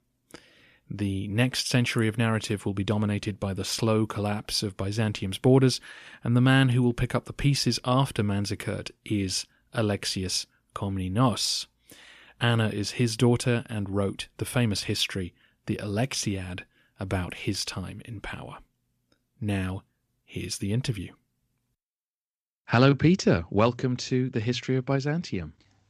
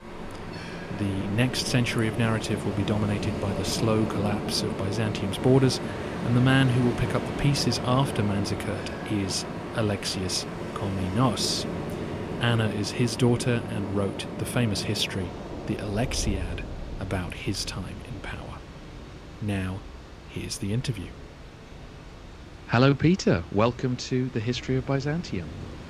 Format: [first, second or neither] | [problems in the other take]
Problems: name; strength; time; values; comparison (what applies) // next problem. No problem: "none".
first | rain or running water; loud; throughout; 7 dB below the speech